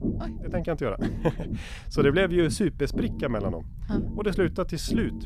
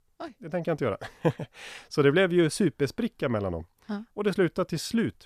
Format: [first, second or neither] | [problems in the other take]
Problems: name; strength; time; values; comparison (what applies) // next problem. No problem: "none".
second | low rumble; noticeable; throughout; 10 dB below the speech